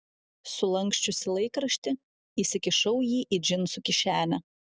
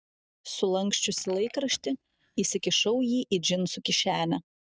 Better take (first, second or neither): first